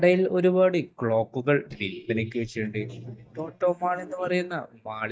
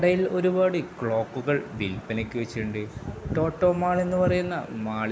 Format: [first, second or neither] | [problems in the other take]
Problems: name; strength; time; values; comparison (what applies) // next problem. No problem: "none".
second | noise reduction (neural mask model DeepFilterNet 3)